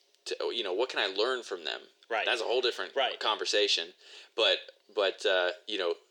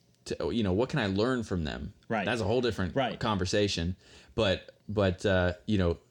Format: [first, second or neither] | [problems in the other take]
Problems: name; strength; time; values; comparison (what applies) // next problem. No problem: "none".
second | thin; very; fading below 350 Hz